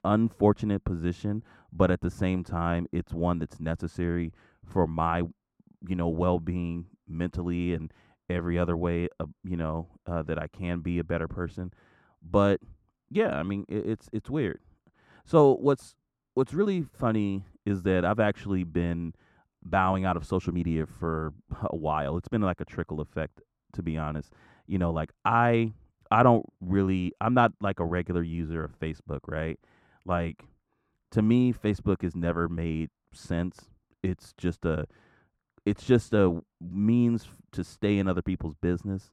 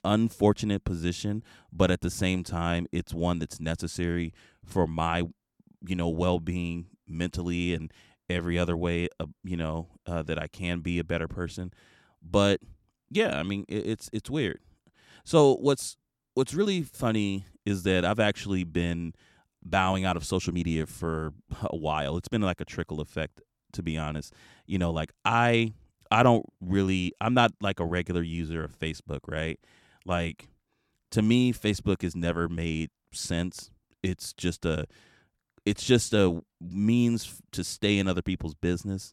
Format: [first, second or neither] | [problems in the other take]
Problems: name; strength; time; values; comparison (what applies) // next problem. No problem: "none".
second | muffled; very; fading above 2.5 kHz